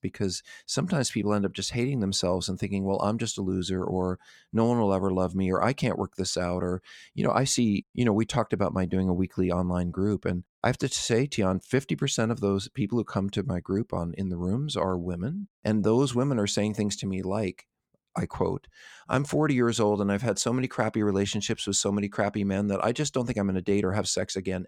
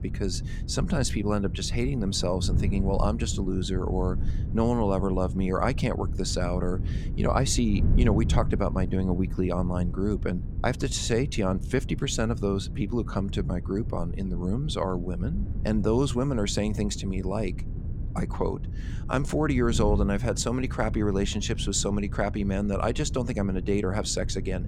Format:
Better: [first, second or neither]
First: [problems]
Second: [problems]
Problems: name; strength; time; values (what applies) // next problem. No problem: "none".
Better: first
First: none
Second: wind noise on the microphone; occasional gusts; 15 dB below the speech